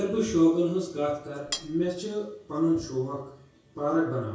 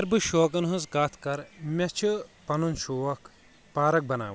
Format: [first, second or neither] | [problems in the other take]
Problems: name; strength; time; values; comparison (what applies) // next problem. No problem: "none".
second | background sound (Cutlery, silverware); 10 dB below the speech // room echo; dies away in 0.6 s